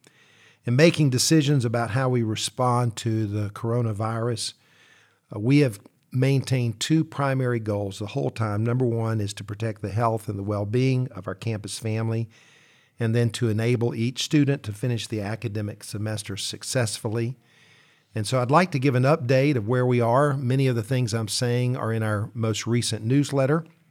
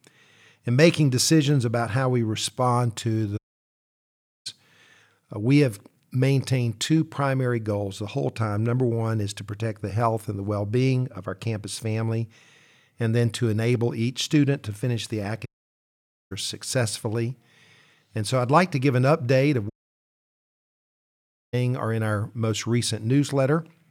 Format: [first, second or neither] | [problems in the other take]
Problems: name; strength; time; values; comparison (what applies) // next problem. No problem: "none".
first | audio cutting out; at 3.5 s for 1 s, at 15 s for 1 s and at 20 s for 2 s